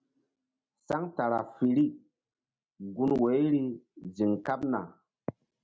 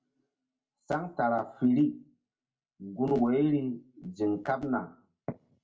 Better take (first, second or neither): first